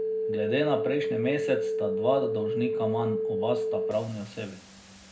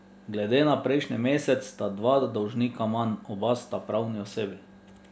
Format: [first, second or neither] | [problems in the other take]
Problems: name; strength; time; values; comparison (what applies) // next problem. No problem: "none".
second | background sound (Telephone); 1 dB above the speech // room echo; dies away in 0.3 s